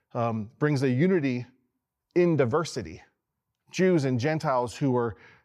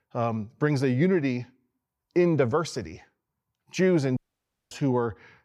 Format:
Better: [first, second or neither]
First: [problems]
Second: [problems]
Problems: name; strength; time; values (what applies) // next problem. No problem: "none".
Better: first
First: none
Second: audio cutting out; at 4 s for 0.5 s